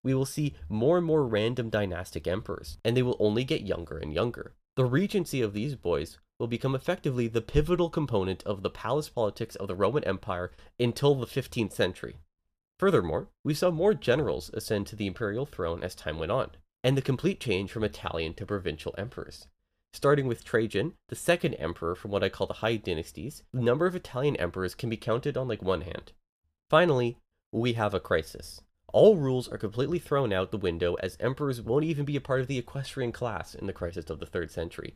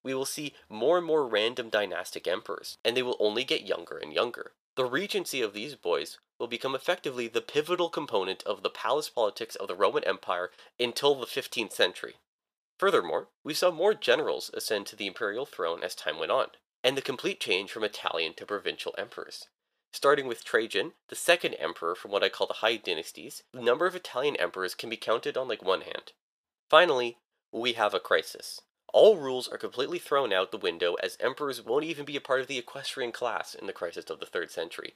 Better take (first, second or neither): first